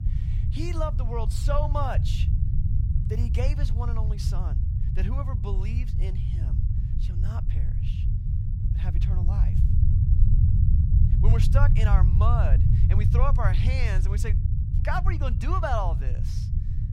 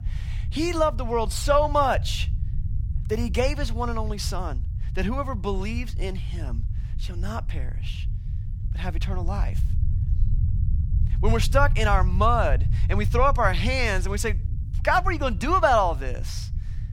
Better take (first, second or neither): second